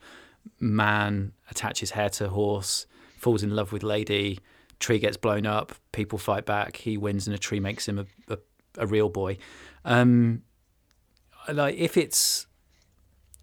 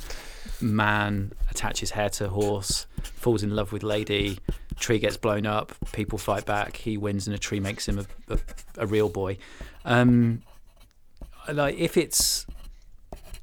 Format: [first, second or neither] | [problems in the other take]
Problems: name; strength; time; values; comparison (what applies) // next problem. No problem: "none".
first | household noises; noticeable; throughout; 15 dB below the speech